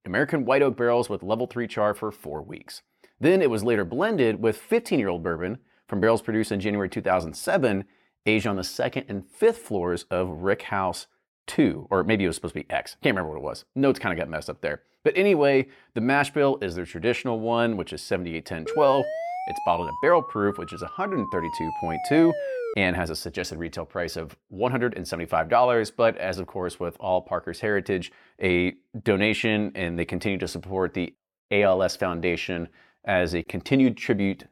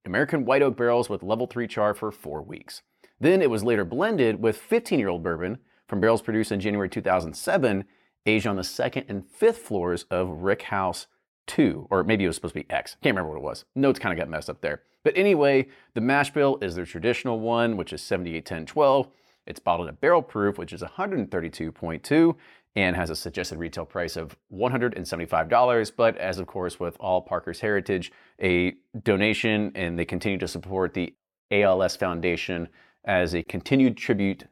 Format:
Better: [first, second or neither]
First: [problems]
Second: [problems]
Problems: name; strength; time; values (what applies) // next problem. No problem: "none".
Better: second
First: siren; noticeable; from 19 to 23 s; peak 5 dB below the speech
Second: none